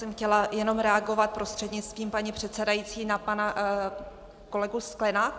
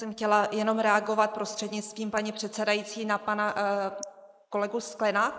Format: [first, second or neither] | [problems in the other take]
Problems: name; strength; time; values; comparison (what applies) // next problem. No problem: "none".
first | noise reduction (neural mask model Resemble Enhance denoiser)